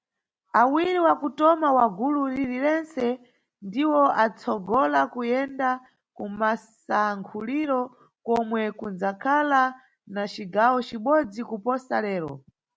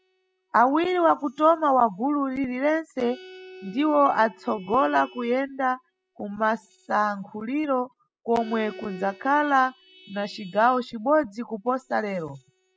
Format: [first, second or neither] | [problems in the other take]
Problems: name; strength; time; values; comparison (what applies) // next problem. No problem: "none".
first | noise reduction (classical method spectral subtraction)